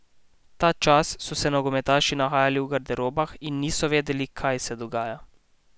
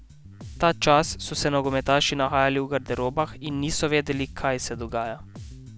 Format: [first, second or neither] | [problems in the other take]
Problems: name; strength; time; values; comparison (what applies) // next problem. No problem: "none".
first | background sound (Bass guitar); 17 dB below the speech